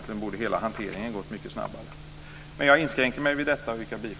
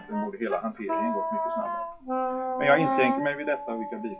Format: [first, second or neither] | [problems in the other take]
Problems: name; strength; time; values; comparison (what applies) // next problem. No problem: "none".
first | noise reduction (classical method WPE with log-MMSE)